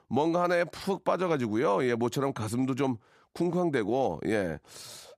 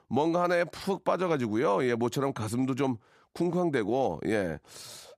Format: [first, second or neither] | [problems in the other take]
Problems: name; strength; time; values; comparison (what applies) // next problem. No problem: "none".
neither | none